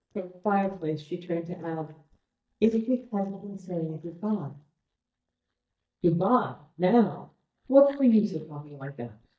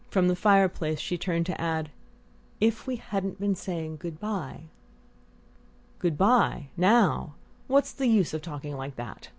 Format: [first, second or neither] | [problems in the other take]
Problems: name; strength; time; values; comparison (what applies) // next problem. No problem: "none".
second | noise reduction (neural mask model DeepFilterNet 3)